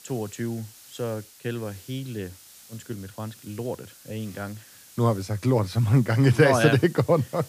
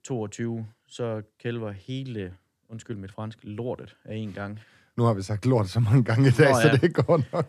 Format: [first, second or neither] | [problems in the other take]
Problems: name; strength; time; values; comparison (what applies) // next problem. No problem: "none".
second | hiss; faint; throughout; 20 dB below the speech